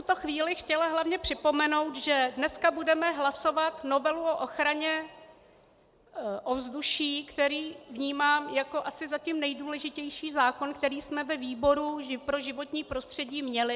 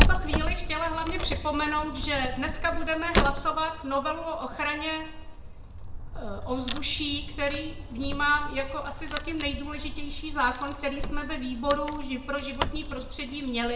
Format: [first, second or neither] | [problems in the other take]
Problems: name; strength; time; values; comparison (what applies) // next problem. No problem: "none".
first | background sound (Wood); as loud as the speech // room echo; dies away in 0.6 s